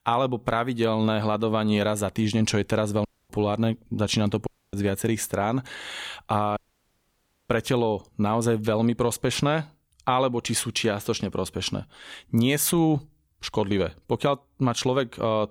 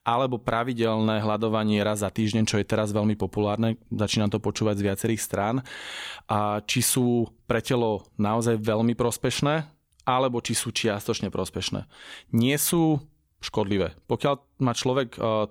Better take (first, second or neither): second